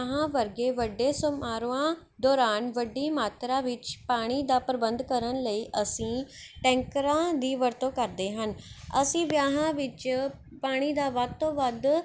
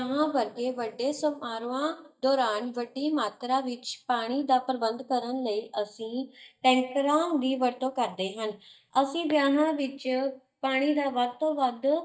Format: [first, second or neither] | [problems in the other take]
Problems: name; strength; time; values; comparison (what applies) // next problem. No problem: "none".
first | noise reduction (neural mask model DeepFilterNet 3)